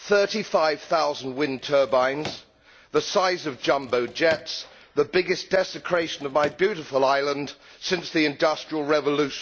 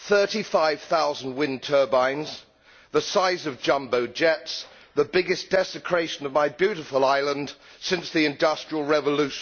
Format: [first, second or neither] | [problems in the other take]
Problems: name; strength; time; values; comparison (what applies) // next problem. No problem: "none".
second | background sound (Drawer open or close); 19 dB below the speech